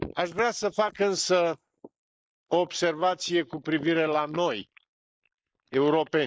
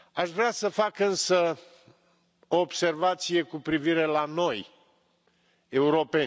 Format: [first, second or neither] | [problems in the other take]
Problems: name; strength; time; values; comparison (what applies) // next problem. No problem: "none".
second | noise reduction (neural mask model Resemble Enhance denoiser)